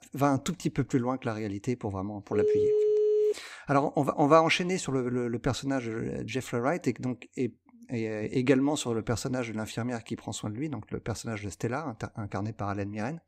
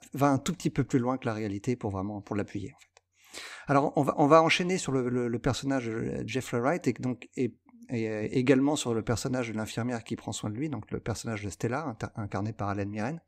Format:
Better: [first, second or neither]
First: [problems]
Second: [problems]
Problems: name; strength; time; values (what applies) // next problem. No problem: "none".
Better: second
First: phone ringing; loud; from 2.5 to 3.5 s; peak 5 dB above the speech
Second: none